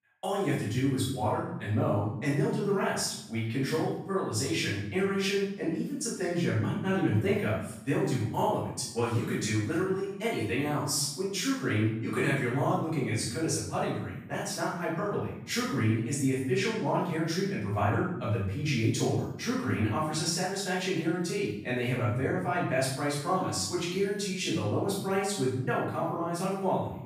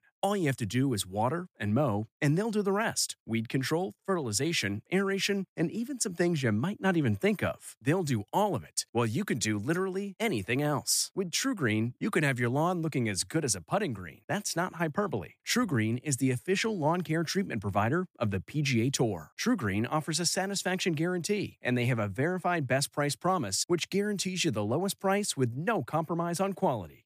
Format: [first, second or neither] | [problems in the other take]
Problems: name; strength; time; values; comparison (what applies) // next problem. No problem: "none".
second | off-mic speech; far // room echo; noticeable; dies away in 0.7 s